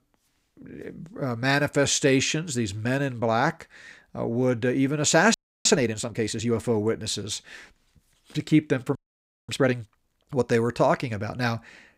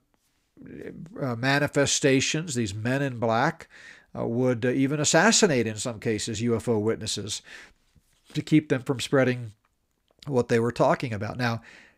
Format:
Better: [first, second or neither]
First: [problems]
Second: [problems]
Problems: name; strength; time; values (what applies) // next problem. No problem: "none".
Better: second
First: audio freezing; at 5.5 s and at 9 s for 0.5 s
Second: none